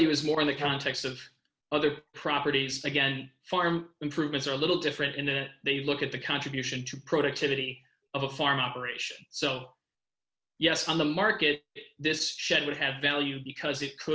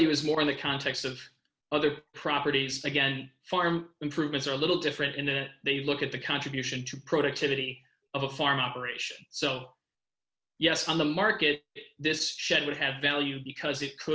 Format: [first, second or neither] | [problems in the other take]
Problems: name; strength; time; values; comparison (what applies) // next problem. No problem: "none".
second | background sound (Wind instrument, woodwind instrument); 7 dB below the speech